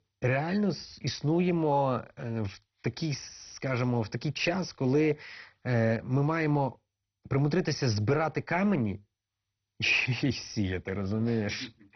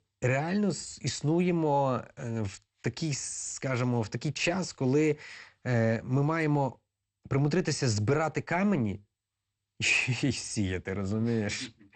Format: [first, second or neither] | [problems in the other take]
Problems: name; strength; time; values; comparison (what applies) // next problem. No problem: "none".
second | garbled, watery; badly; nothing above 6 kHz; slightly in the second